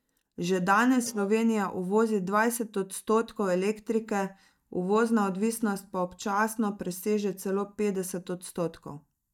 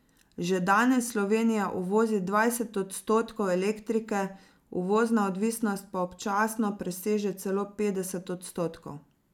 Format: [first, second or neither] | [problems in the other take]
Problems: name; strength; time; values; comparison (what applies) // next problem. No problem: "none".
second | noise reduction (neural mask model DeepFilterNet 3)